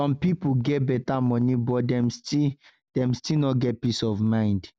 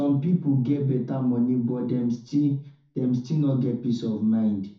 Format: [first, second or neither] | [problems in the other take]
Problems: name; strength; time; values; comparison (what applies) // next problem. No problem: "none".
first | room echo; dies away in 0.7 s